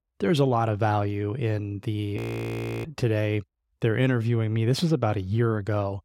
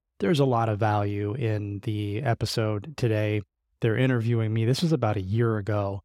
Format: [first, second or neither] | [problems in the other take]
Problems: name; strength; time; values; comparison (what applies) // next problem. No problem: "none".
second | audio freezing; at 2 s for 0.5 s